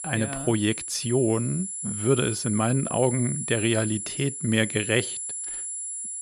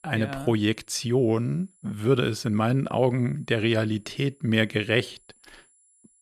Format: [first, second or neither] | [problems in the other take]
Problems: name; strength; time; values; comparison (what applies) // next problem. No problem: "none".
second | high-pitched whine; loud; throughout; 10 kHz, 5 dB below the speech; faint in the second